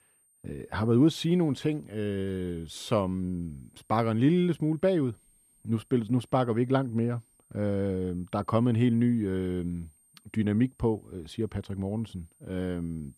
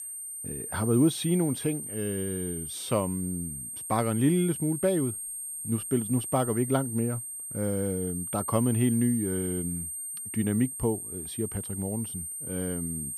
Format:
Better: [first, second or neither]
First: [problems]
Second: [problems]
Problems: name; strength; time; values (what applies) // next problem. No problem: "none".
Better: first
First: high-pitched whine; faint; throughout; 8.5 kHz, 35 dB below the speech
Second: high-pitched whine; loud; throughout; 8.5 kHz, 5 dB below the speech